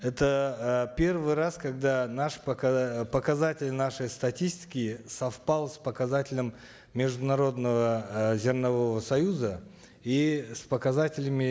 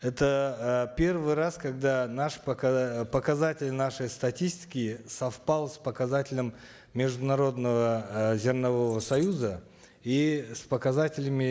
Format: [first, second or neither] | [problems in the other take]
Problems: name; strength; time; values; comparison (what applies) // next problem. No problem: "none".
first | noise reduction (neural mask model Resemble Enhance denoiser)